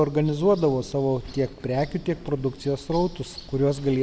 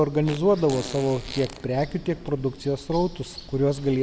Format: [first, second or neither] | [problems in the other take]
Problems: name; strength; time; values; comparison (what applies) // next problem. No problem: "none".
first | background sound (Fart); 15 dB below the speech